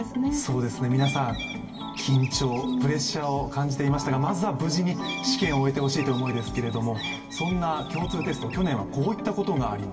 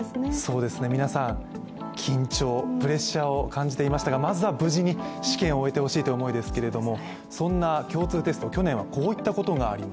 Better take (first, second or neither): second